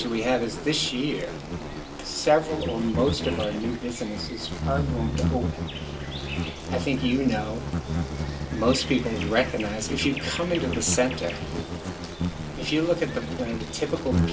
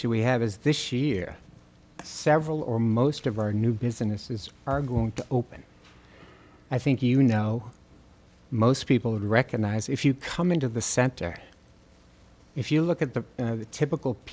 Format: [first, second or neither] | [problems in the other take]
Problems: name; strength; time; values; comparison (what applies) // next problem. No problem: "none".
second | background sound (Insect); 3 dB below the speech // room echo; dies away in 0.2 s